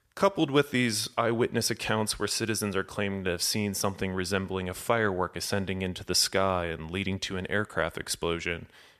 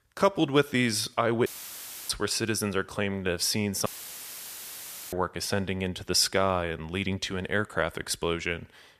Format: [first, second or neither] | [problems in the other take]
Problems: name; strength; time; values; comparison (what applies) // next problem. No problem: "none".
first | audio cutting out; filled with static; at 1.5 s for 0.5 s and at 4 s for 1.5 s